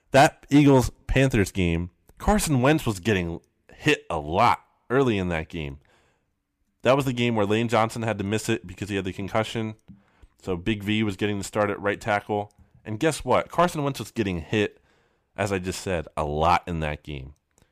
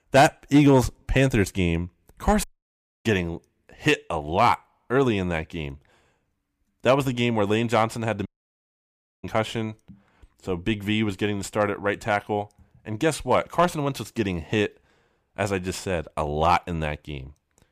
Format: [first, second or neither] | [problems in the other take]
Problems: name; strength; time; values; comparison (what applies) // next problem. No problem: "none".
first | audio cutting out; at 2.5 s for 0.5 s and at 8.5 s for 1 s